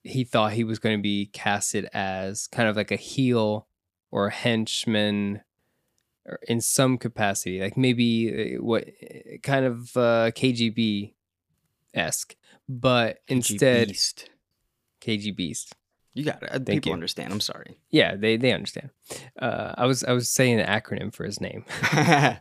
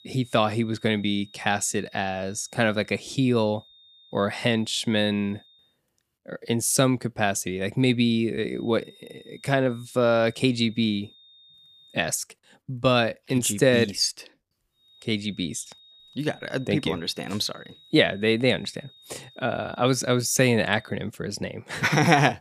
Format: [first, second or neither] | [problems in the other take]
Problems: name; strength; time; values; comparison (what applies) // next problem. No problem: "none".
first | high-pitched whine; faint; until 5.5 s, from 8.5 to 12 s and from 15 to 21 s; 3.5 kHz, 25 dB below the speech